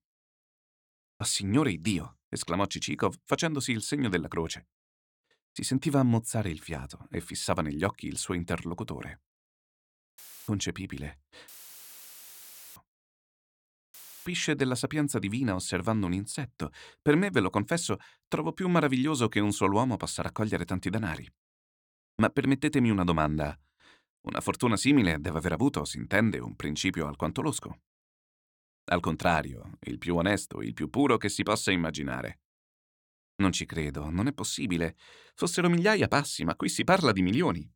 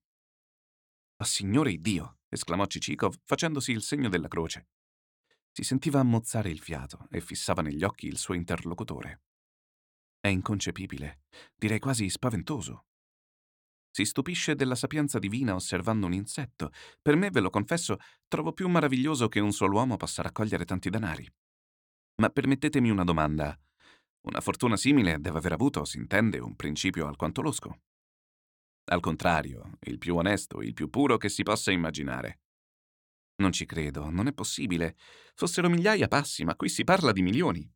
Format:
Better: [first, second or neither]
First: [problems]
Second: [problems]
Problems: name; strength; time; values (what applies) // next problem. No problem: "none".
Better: second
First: audio cutting out; filled with static; at 10 s, at 11 s for 1.5 s and at 14 s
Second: none